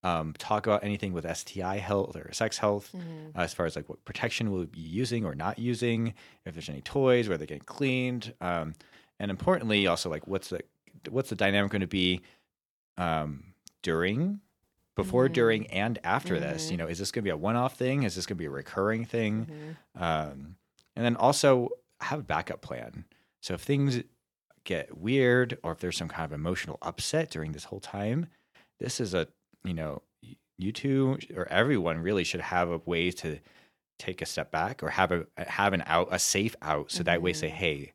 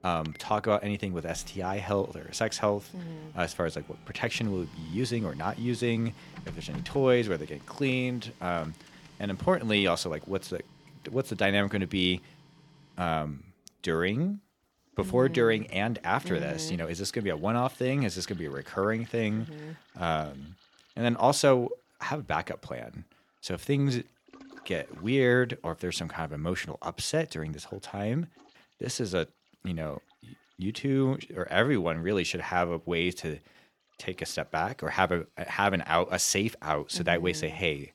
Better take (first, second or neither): first